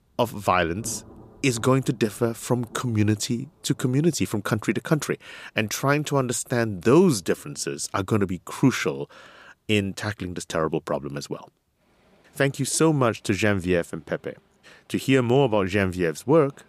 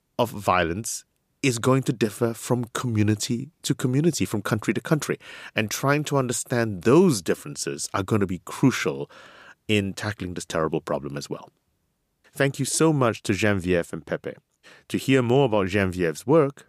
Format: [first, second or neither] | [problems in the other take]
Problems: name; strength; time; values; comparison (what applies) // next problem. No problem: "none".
second | rain or running water; faint; throughout; 30 dB below the speech